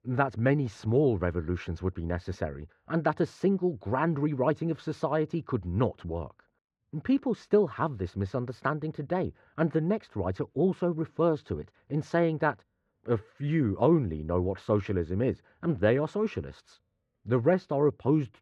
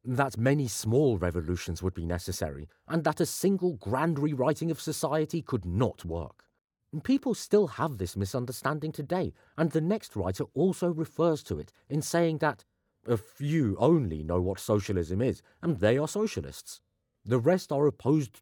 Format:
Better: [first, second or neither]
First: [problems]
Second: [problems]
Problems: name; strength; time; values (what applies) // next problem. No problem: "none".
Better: second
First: muffled; slightly; fading above 2 kHz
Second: none